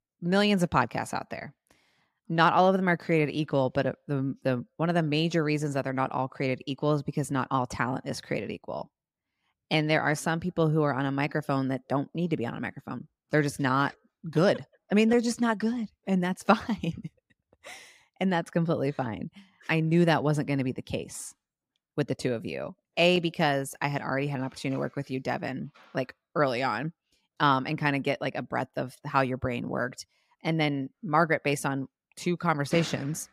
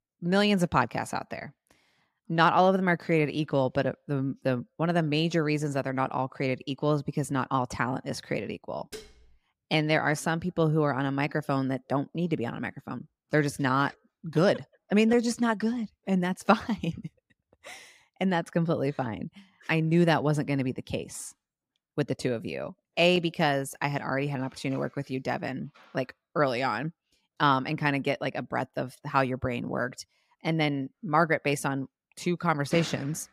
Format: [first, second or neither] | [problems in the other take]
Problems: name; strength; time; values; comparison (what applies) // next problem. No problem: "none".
first | clattering dishes; faint; at 9 s; peak 15 dB below the speech